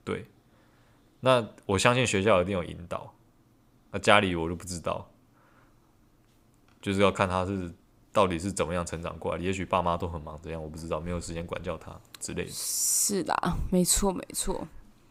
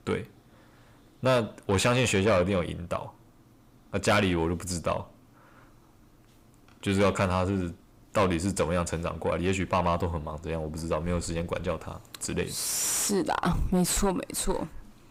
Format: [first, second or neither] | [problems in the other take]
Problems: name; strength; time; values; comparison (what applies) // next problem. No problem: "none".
first | distortion; heavy; 7 dB below the speech